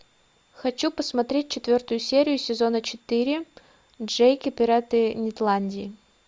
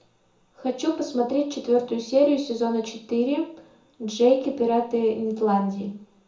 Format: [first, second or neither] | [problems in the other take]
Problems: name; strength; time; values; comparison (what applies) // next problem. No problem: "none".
first | room echo; dies away in 0.5 s